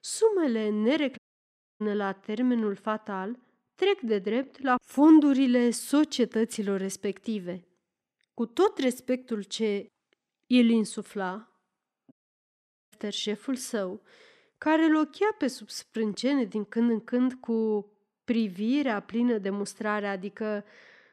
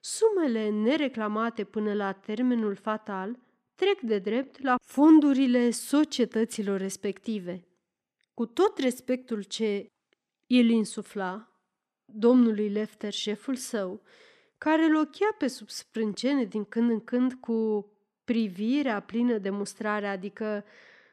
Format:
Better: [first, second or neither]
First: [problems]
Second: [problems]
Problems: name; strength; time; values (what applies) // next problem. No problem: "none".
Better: second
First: audio cutting out; at 1 s for 0.5 s and at 12 s for 1 s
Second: none